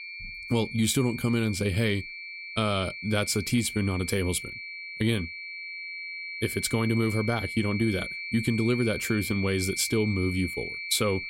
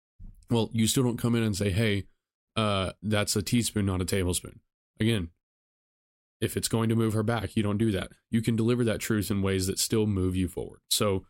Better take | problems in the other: second | high-pitched whine; loud; throughout; 2.5 kHz, 7 dB below the speech

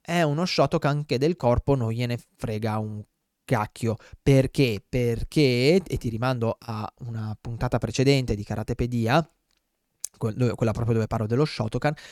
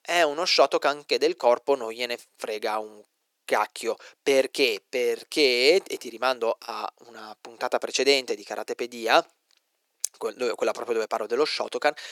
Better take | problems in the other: first | thin; very; fading below 400 Hz

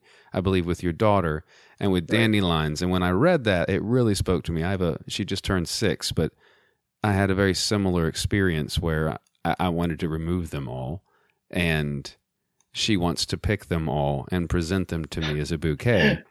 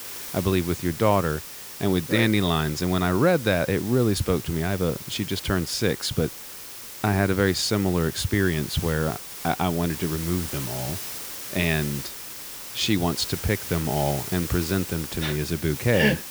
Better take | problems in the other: first | hiss; loud; throughout; 9 dB below the speech

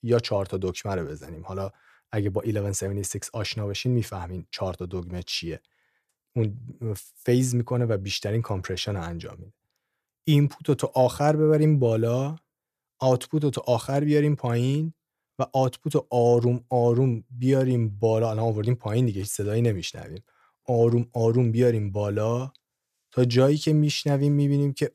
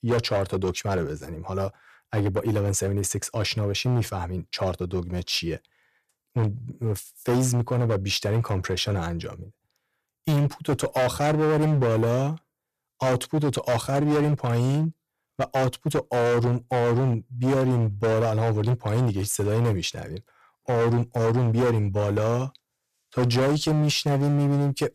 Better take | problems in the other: first | distortion; heavy; 16% of the sound clipped

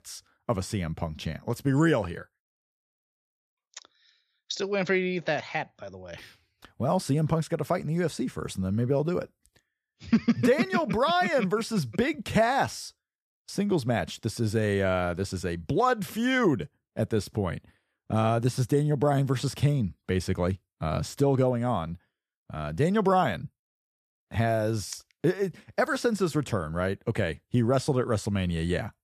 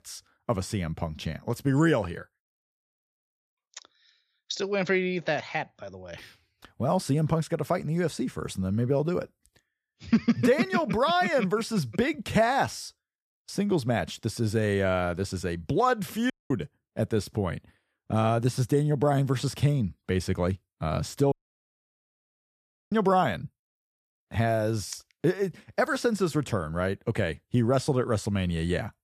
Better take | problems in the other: first | audio cutting out; at 16 s and at 21 s for 1.5 s

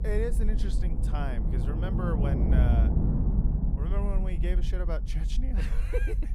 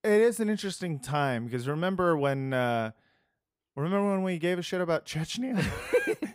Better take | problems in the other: second | low rumble; loud; throughout; 2 dB below the speech

